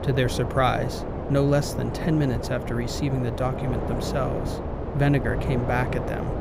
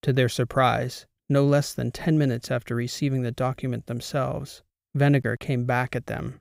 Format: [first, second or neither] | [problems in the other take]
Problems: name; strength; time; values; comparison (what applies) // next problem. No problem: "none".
second | wind noise on the microphone; heavy; 5 dB below the speech